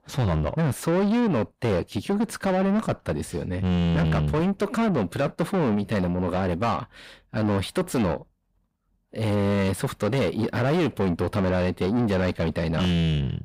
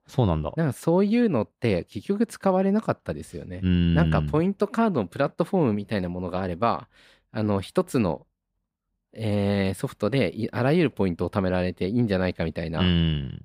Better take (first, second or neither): second